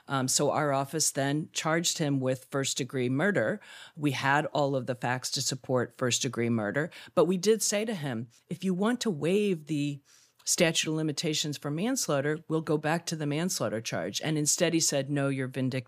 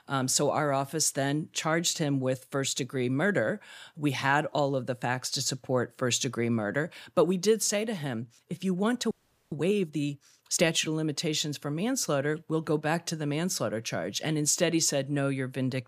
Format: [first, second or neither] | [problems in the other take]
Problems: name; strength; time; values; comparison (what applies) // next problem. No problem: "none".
first | audio freezing; at 9 s